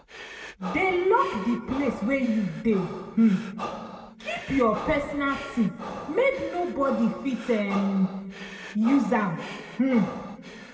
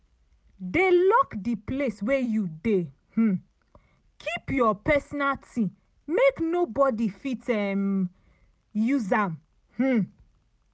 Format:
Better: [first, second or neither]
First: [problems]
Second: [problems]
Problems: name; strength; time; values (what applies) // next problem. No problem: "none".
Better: second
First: background sound (Breathing); 14 dB below the speech // room echo; dies away in 1.9 s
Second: none